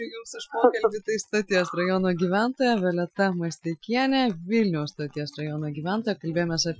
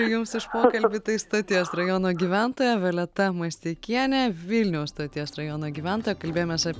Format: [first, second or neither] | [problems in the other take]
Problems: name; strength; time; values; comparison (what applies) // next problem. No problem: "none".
second | noise reduction (classical method Wiener filter)